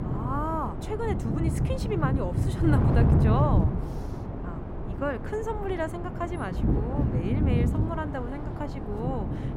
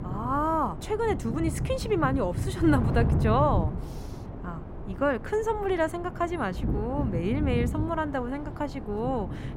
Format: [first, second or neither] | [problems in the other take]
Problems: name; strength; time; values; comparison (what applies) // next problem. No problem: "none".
second | wind noise on the microphone; heavy; 4 dB below the speech; occasional gusts in the second